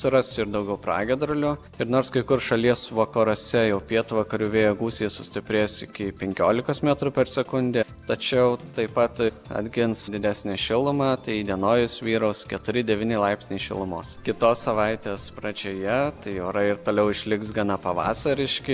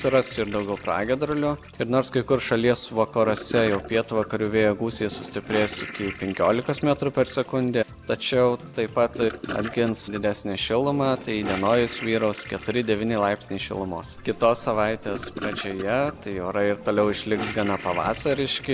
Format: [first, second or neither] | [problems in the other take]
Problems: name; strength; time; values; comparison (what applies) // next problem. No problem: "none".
first | background sound (Toilet flush / Gurgling); 15 dB below the speech